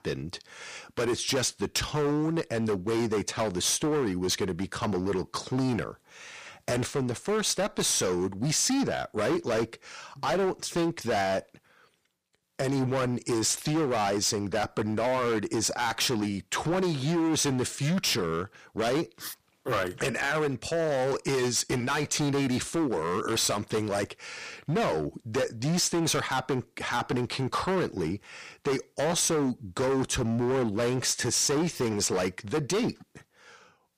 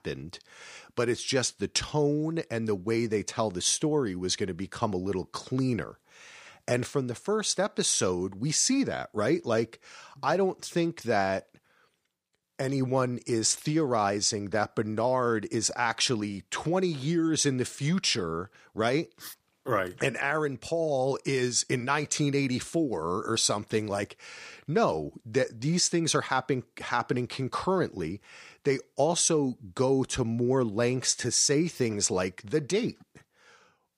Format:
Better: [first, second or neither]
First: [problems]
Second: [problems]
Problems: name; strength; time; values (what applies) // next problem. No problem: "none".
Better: second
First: distortion; heavy; 19% of the sound clipped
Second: none